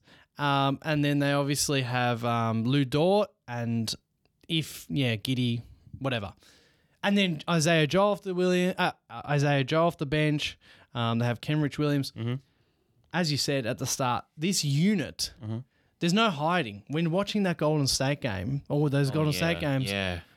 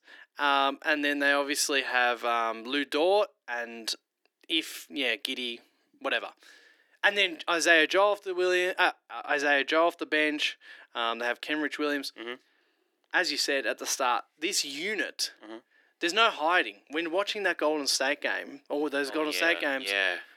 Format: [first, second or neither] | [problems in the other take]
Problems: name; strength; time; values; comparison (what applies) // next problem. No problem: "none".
first | thin; very; fading below 300 Hz